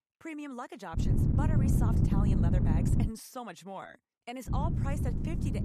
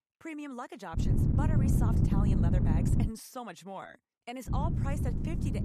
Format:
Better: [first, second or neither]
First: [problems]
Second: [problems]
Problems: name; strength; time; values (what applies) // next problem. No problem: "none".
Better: neither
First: wind noise on the microphone; heavy; from 1 to 3 s and from 4.5 s on; 2 dB above the speech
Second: wind noise on the microphone; heavy; from 1 to 3 s and from 4.5 s on; 2 dB above the speech